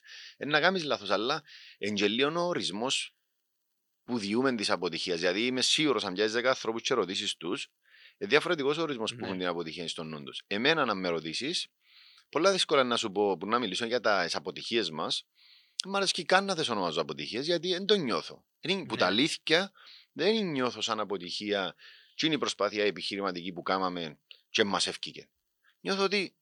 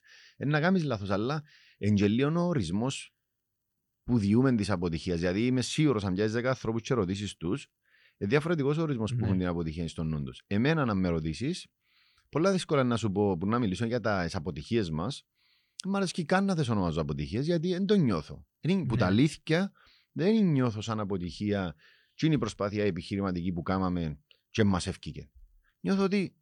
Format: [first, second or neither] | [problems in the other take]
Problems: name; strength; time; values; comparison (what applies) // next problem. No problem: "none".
second | thin; somewhat; fading below 400 Hz